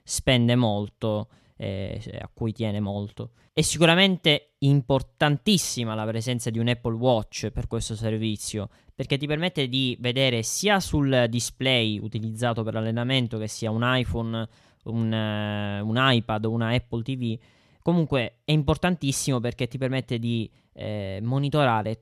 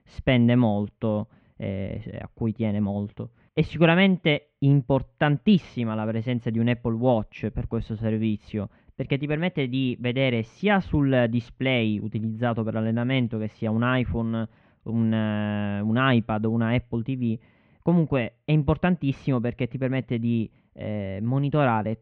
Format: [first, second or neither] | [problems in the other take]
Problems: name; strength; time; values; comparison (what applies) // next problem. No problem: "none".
first | muffled; very; fading above 2.5 kHz